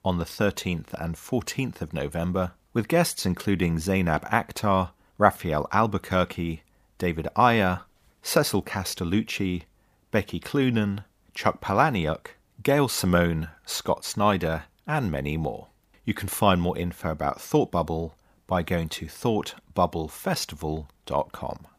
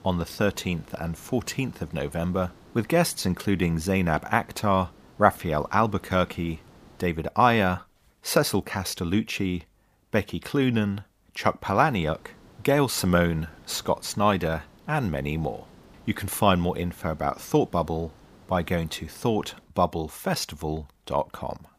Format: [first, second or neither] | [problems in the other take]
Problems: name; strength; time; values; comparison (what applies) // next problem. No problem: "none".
first | hiss; faint; until 7 s and from 12 to 20 s; 25 dB below the speech